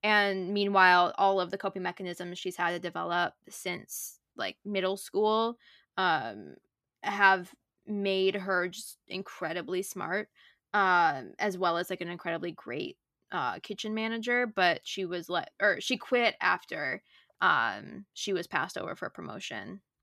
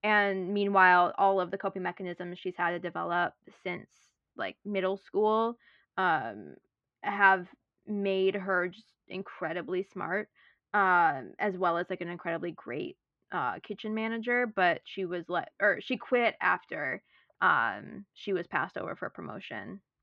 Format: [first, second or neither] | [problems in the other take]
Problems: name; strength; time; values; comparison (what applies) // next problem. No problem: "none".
first | muffled; very; fading above 2.5 kHz